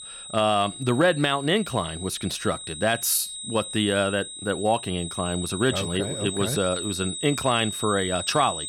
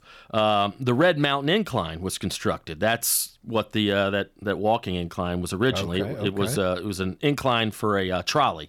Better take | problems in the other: second | high-pitched whine; loud; throughout; 4 kHz, 8 dB below the speech

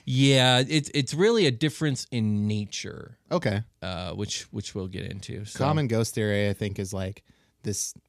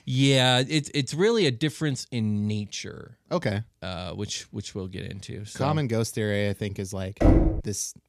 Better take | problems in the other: first | door banging; loud; at 7 s; peak 6 dB above the speech

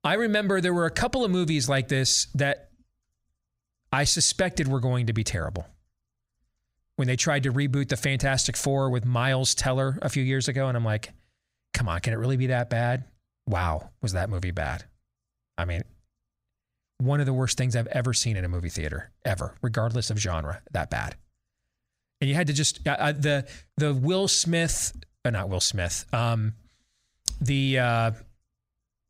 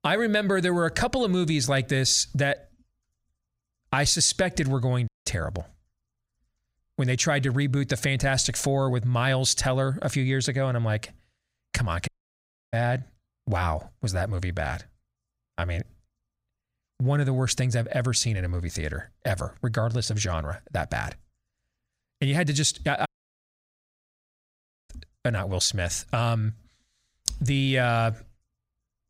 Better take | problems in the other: first | audio cutting out; at 5 s, at 12 s for 0.5 s and at 23 s for 2 s

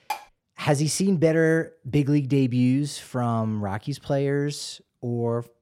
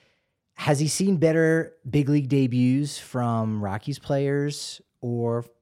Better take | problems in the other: second | clattering dishes; faint; at the start; peak 10 dB below the speech

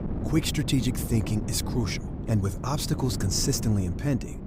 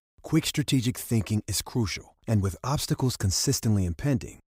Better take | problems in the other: second | wind noise on the microphone; heavy; 9 dB below the speech

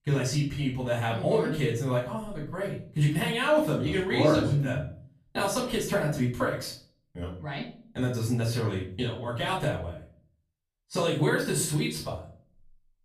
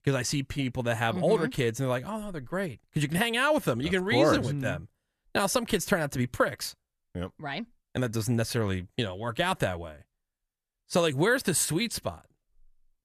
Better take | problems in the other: second | off-mic speech; far // room echo; slight; dies away in 0.4 s

